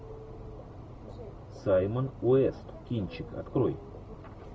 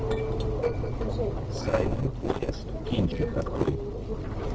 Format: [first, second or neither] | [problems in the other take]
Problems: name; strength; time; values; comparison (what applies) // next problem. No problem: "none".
first | noise reduction (neural separator model SepFormer DNS4)